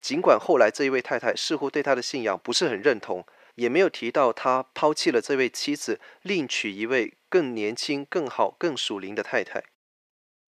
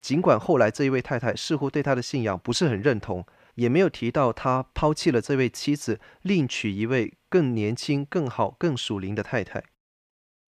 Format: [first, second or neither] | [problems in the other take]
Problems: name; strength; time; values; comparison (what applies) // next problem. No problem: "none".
second | thin; somewhat; fading below 400 Hz